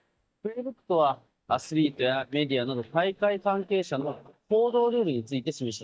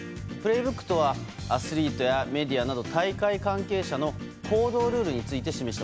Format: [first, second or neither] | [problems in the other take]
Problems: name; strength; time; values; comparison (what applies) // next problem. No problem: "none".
second | noise reduction (neural mask model DeepFilterNet 3)